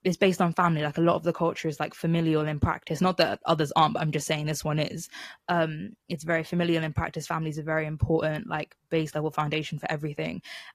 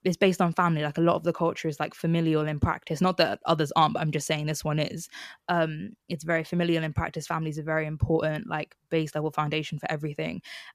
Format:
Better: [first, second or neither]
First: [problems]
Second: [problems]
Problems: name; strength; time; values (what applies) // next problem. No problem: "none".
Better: second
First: garbled, watery; slightly; nothing above 14.5 kHz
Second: none